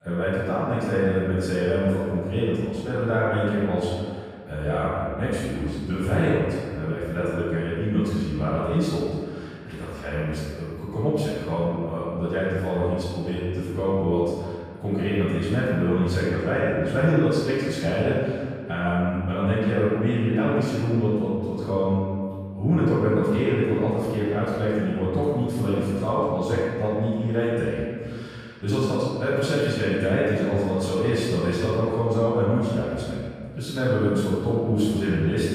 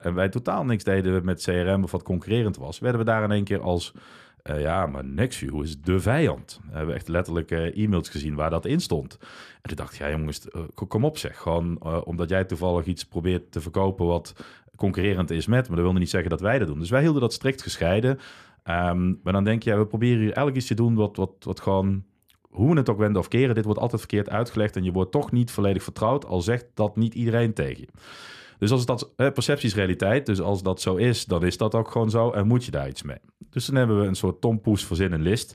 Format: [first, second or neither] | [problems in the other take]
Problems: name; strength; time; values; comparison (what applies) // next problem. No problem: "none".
second | room echo; strong; dies away in 1.9 s // off-mic speech; far